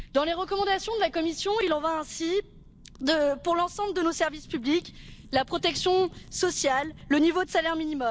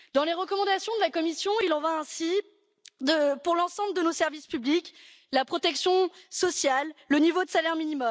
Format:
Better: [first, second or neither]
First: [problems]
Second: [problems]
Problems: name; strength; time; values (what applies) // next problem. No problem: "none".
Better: second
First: background sound (Wind / Fire); 20 dB below the speech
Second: none